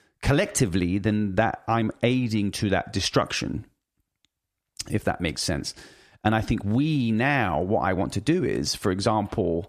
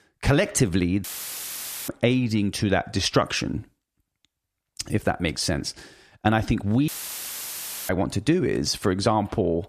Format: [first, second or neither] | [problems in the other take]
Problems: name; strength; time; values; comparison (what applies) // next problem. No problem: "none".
first | audio cutting out; filled with static; at 1 s for 1 s and at 7 s for 1 s